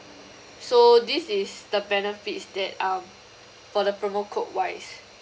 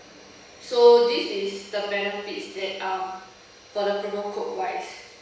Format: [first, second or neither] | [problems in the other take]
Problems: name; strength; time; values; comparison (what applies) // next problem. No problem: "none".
first | room echo; dies away in 0.9 s